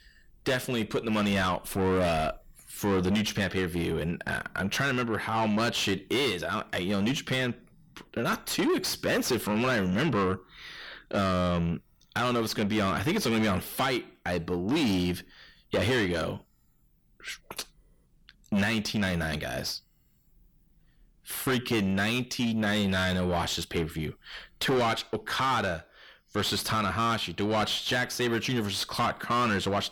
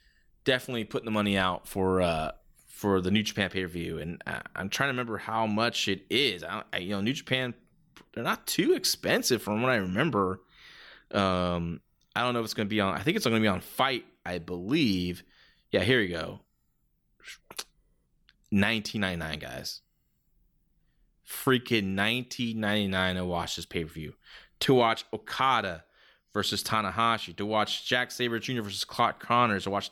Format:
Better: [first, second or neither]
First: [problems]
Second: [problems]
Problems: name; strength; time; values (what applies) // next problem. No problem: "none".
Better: second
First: distortion; heavy; 5 dB below the speech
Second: none